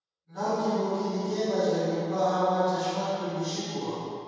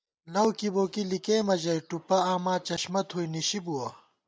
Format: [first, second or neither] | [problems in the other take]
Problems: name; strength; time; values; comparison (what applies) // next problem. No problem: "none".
second | room echo; dies away in 2.2 s